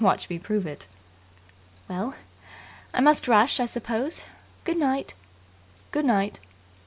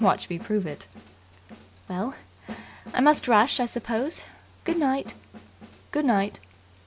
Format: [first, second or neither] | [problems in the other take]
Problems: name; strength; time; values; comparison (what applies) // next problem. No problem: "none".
first | background sound (Snare drum); 19 dB below the speech